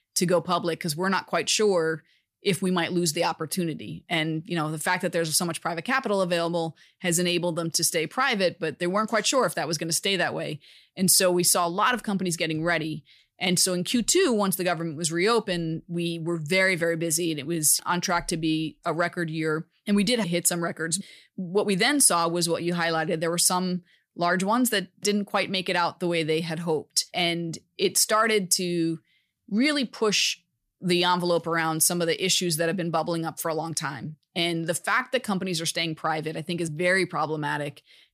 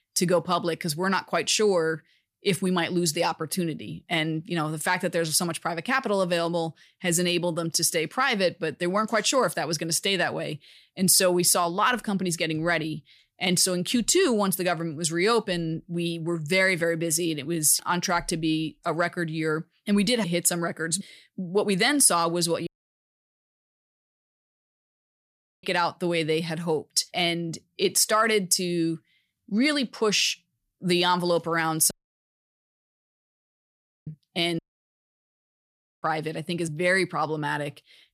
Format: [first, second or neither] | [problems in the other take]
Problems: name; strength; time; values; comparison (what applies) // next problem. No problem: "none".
first | audio cutting out; at 23 s for 3 s, at 32 s for 2 s and at 35 s for 1.5 s